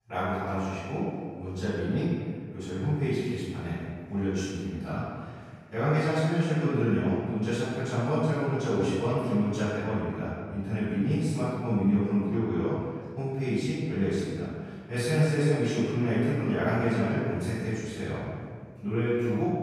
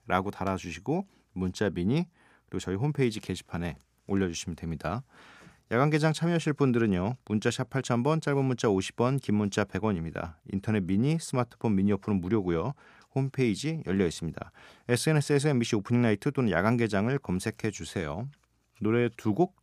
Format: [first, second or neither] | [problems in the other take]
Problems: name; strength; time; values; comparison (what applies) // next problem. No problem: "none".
second | off-mic speech; far // room echo; strong; dies away in 1.6 s